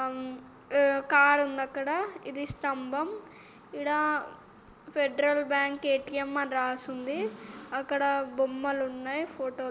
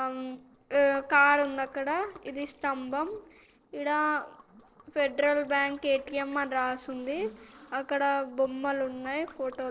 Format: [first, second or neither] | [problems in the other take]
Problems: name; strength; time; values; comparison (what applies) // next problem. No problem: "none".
first | noise reduction (neural separator model SepFormer DNS4)